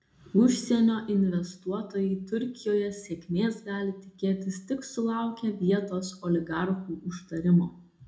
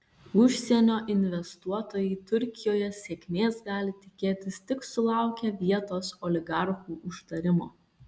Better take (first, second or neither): second